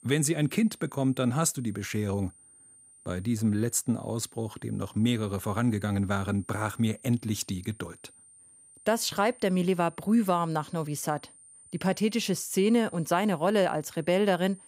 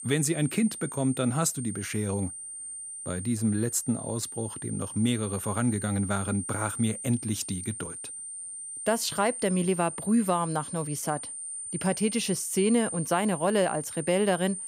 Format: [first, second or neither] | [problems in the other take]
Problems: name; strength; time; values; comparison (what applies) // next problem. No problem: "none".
first | high-pitched whine; loud; throughout; 9 kHz, 7 dB below the speech; faint in the first